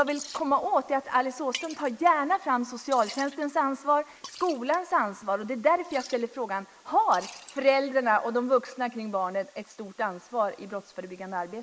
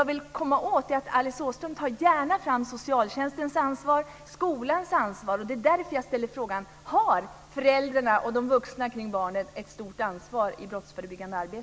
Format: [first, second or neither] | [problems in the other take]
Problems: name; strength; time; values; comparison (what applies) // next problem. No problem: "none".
second | noise reduction (neural mask model Resemble Enhance denoiser)